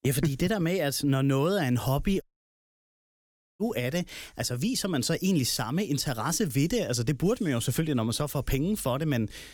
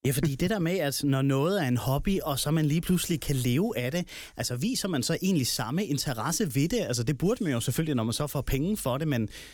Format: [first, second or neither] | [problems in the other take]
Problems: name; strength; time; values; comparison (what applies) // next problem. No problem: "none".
second | audio cutting out; at 2 s for 1.5 s